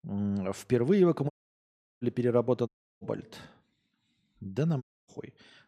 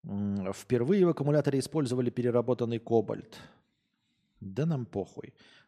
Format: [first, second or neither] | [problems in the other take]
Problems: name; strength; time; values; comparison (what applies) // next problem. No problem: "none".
second | audio cutting out; at 1.5 s for 0.5 s, at 2.5 s and at 5 s